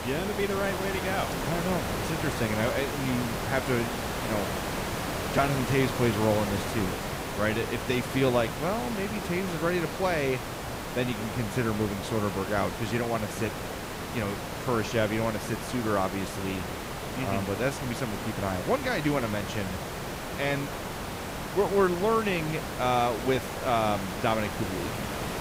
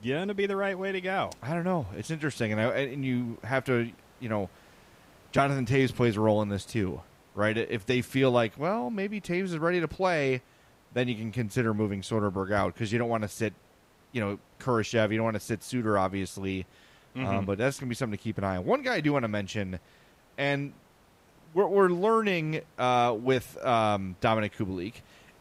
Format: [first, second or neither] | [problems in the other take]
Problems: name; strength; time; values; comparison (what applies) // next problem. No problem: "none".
second | hiss; loud; throughout; 4 dB below the speech; faint in the second